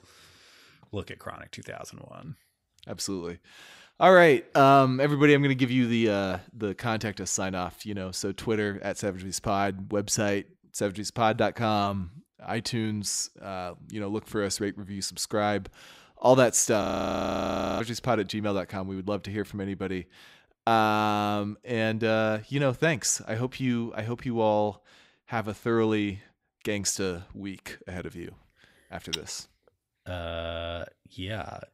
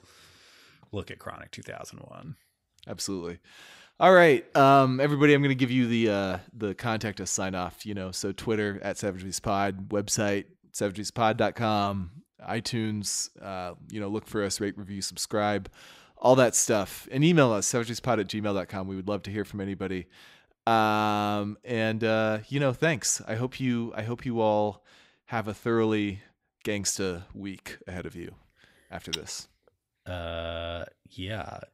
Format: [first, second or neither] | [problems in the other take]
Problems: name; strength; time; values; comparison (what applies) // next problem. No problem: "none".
second | audio freezing; at 17 s for 1 s